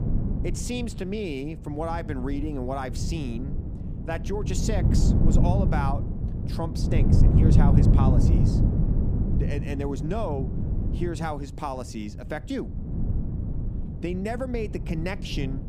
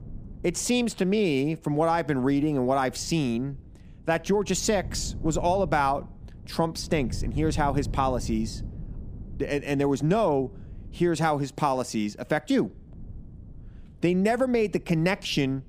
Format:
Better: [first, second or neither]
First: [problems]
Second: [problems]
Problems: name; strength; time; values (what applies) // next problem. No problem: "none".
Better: second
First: wind noise on the microphone; heavy; 3 dB below the speech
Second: wind noise on the microphone; occasional gusts; 25 dB below the speech